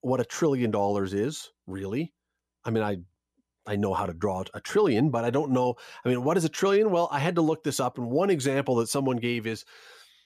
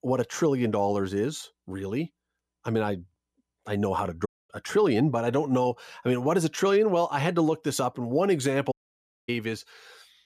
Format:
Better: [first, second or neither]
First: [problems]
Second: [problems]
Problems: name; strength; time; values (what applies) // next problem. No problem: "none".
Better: first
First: none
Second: audio cutting out; at 4.5 s and at 8.5 s for 0.5 s